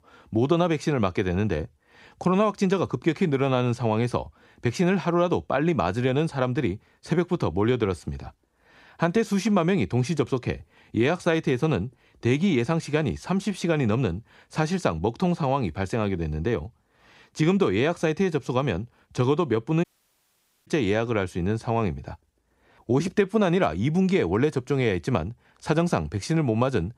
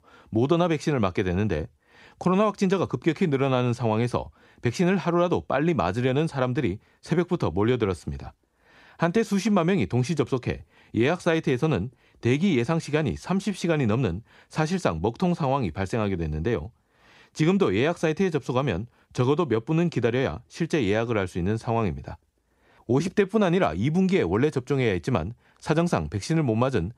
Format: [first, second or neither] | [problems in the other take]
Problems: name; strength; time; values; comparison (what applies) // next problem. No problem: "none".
second | audio cutting out; at 20 s for 1 s